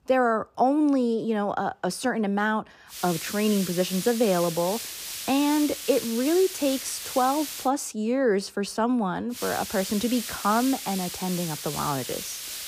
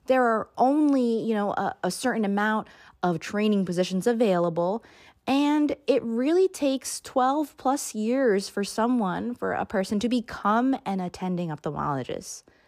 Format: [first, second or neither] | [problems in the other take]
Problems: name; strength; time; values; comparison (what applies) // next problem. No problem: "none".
second | hiss; loud; from 3 to 7.5 s and from 9.5 s on; 7 dB below the speech